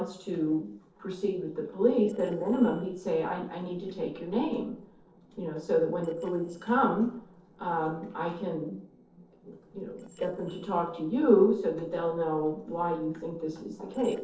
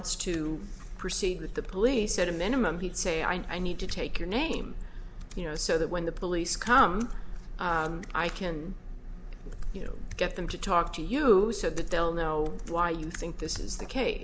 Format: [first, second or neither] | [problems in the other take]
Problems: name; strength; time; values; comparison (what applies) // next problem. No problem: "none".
second | noise reduction (neural separator model SepFormer DNS4)